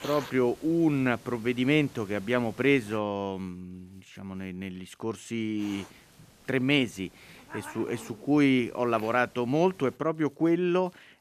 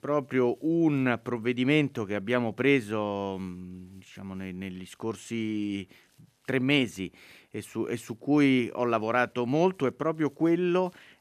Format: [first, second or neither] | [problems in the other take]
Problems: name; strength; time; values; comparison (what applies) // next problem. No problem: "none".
second | hiss; faint; until 3 s and from 5.5 to 10 s; 20 dB below the speech